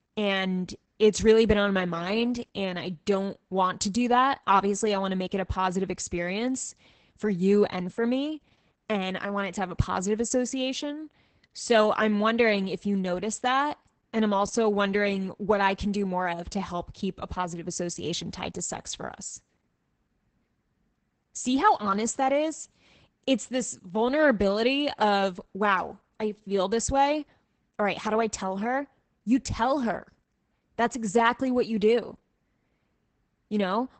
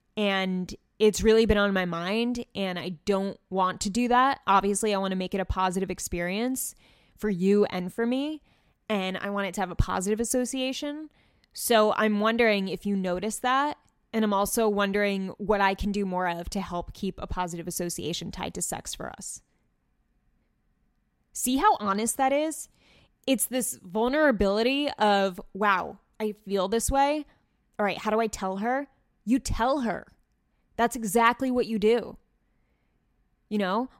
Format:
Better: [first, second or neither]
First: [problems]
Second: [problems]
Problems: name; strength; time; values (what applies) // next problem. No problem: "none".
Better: second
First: garbled, watery; badly; nothing above 8 kHz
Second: none